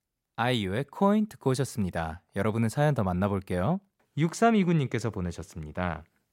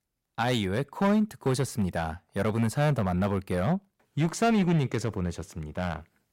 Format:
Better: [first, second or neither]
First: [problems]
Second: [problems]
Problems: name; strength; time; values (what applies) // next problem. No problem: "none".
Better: first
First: none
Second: distortion; slight; 6% of the sound clipped